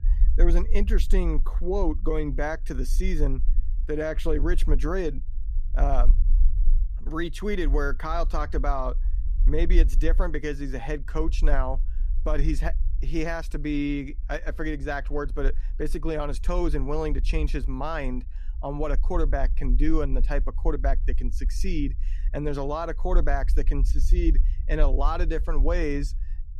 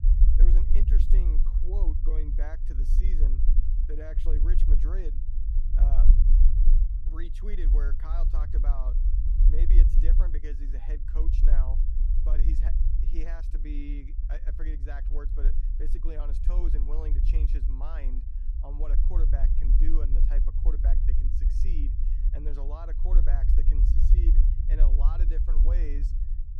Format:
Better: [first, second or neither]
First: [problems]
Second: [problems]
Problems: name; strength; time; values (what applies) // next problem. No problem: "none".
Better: first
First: low rumble; faint; throughout; 20 dB below the speech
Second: low rumble; loud; throughout; 3 dB below the speech